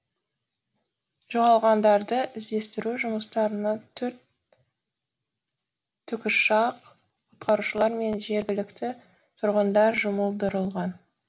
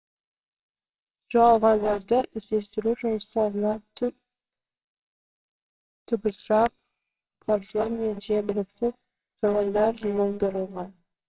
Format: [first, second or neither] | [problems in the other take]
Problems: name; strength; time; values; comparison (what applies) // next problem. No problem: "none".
first | noise reduction (neural separator model SepFormer WHAMR!)